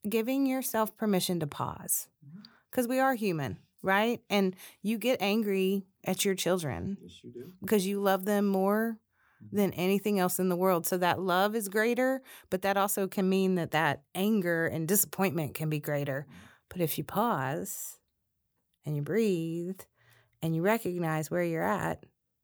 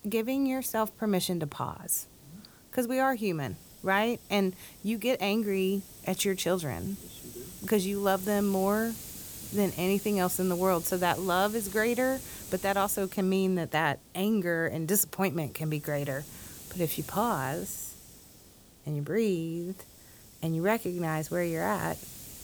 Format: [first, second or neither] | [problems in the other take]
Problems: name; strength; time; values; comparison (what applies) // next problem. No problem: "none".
first | hiss; noticeable; throughout; 15 dB below the speech